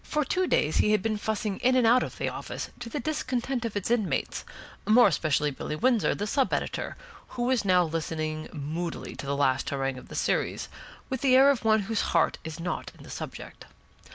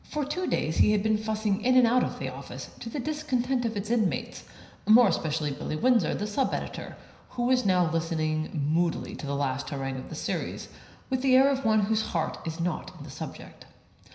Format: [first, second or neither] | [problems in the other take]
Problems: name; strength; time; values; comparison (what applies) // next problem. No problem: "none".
first | room echo; dies away in 0.9 s